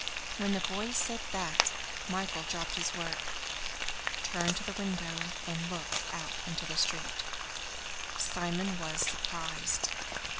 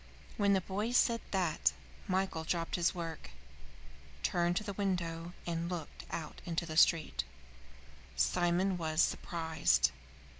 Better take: second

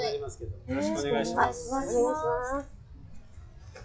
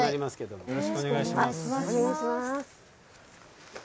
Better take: second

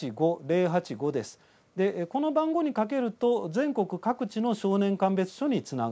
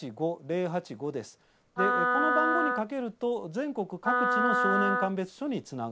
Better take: first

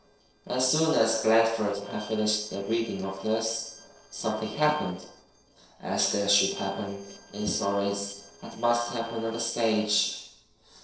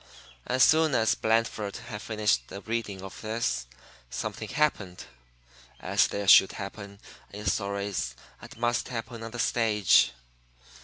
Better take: second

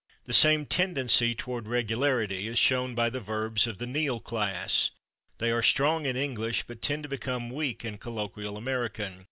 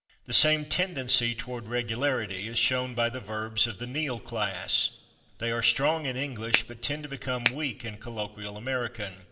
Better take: first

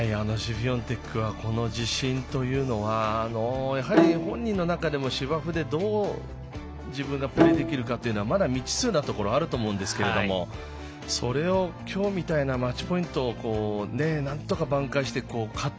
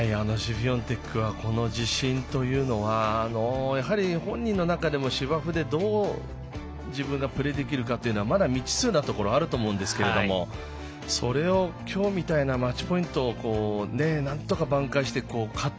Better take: second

